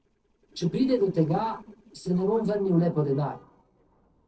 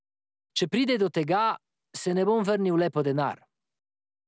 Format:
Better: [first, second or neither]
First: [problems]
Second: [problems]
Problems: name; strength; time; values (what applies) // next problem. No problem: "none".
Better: second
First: noise reduction (neural separator model SepFormer DNS4)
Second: none